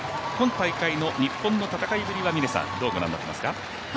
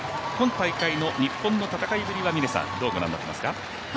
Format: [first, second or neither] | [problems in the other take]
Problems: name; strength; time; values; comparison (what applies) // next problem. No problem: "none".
first | background sound (Bell); 19 dB below the speech